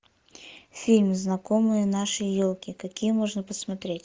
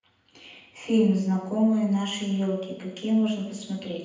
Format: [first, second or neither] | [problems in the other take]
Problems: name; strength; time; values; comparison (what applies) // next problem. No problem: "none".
first | room echo; dies away in 0.9 s